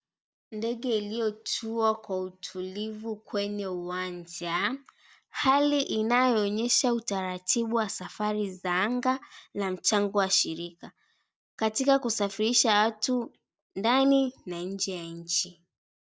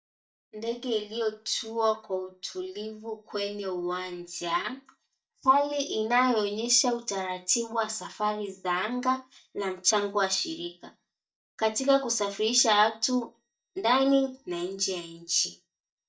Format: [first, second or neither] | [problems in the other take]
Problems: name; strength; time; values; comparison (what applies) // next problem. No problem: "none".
first | noise reduction (neural mask model DeepFilterNet 3)